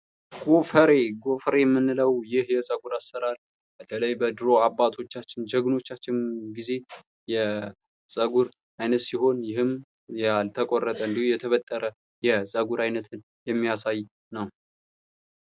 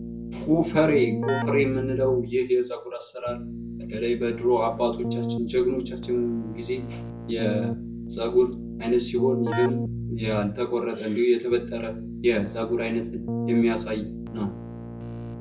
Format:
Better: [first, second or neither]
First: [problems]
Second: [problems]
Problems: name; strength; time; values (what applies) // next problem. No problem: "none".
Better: first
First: none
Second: background sound (Keyboard (musical)); 6 dB below the speech // room echo; dies away in 0.2 s